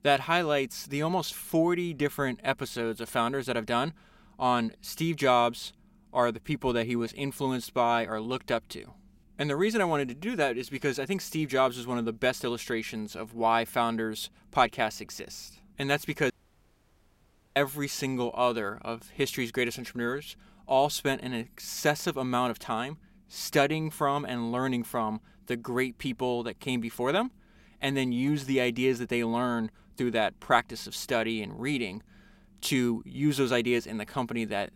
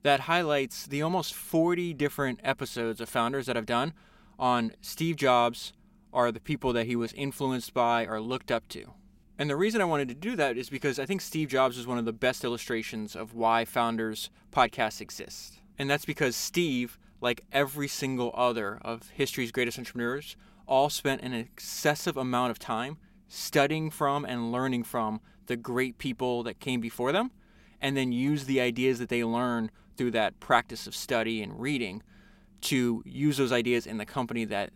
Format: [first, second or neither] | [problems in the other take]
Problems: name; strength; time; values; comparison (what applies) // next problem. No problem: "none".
second | audio cutting out; at 16 s for 1.5 s